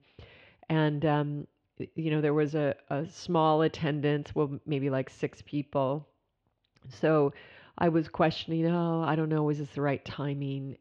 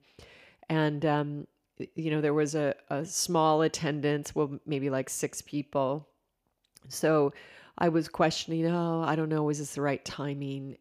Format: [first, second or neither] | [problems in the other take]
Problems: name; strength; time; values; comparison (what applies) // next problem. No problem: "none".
second | muffled; slightly; fading above 3.5 kHz